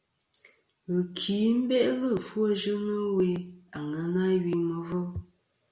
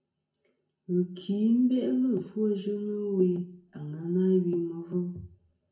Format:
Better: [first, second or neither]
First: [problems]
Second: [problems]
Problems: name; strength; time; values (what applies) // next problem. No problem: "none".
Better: first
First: none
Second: room echo; dies away in 0.3 s